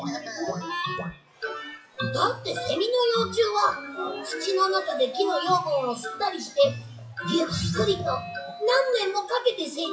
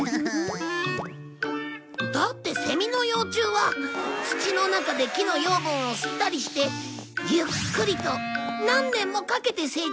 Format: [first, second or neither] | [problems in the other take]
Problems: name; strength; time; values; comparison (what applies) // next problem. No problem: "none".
second | noise reduction (classical method WPE with log-MMSE)